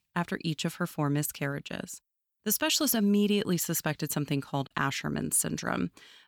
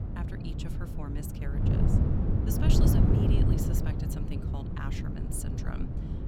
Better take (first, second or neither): first